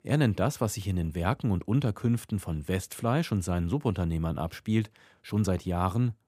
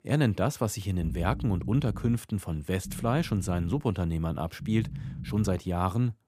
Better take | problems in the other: first | low rumble; noticeable; from 1 to 2 s, at 3 s and at 4.5 s; 15 dB below the speech

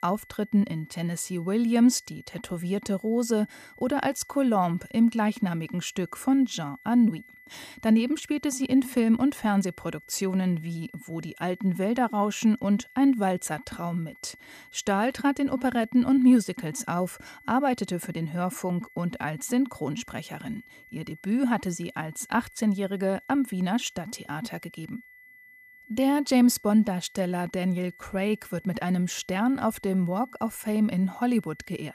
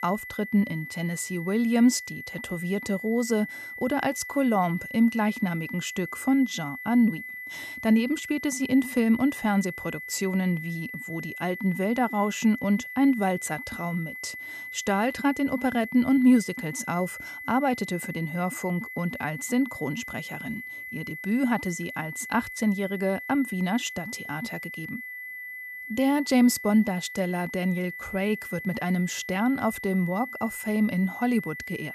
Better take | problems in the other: first | high-pitched whine; loud; throughout; 2 kHz, 10 dB below the speech; faint in the first

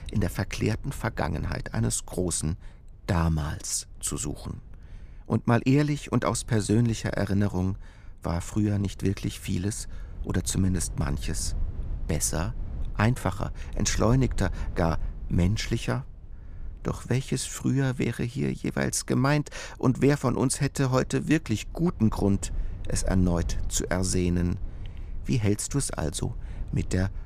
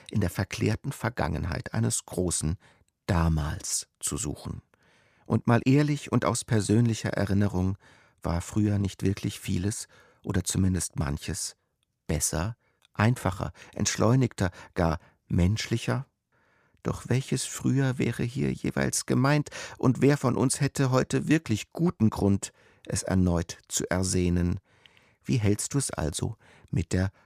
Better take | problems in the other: second | low rumble; faint; throughout; 25 dB below the speech

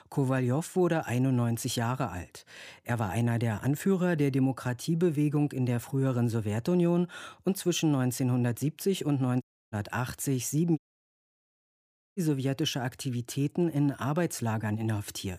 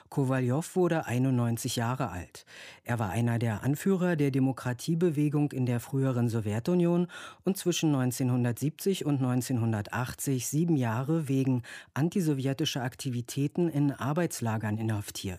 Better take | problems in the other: second | audio cutting out; at 9.5 s and at 11 s for 1.5 s

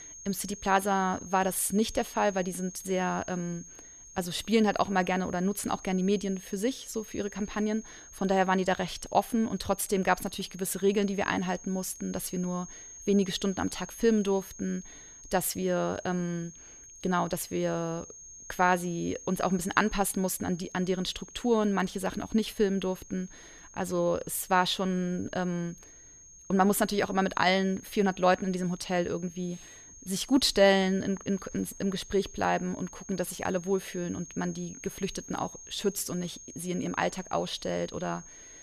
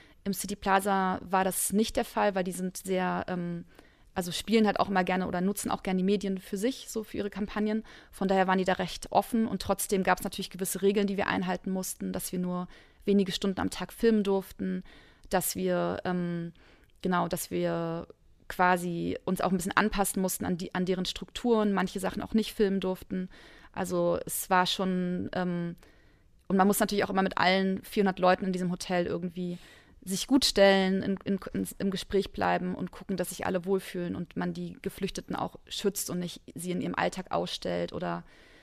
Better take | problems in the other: second | high-pitched whine; noticeable; throughout; 6.5 kHz, 15 dB below the speech

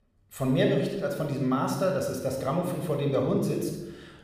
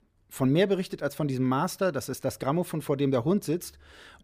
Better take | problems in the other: second | room echo; noticeable; dies away in 0.9 s

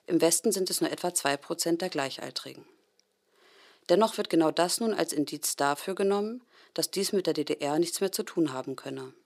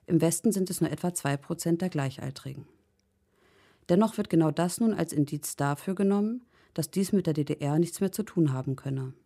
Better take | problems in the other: second | thin; somewhat; fading below 450 Hz

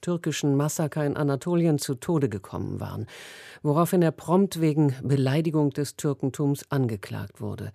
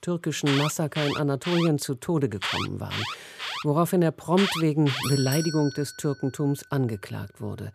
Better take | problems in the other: first | alarms or sirens; loud; throughout; 5 dB below the speech

